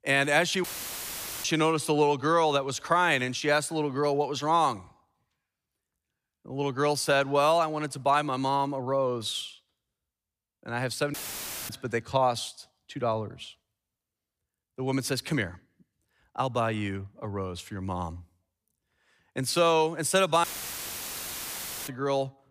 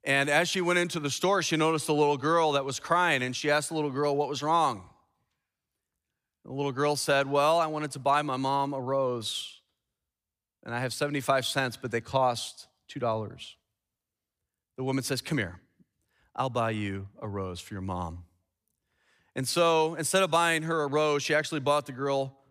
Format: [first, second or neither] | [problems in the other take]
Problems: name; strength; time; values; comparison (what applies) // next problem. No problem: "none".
second | audio cutting out; filled with static; at 0.5 s for 1 s, at 11 s for 0.5 s and at 20 s for 1.5 s